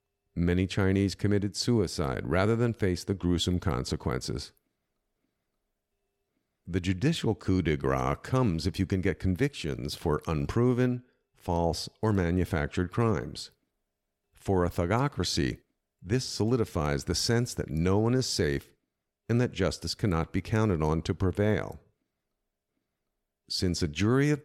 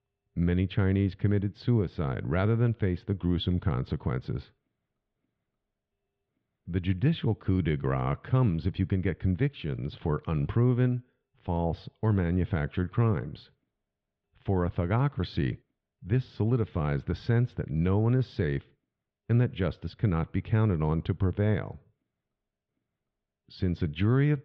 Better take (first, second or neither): first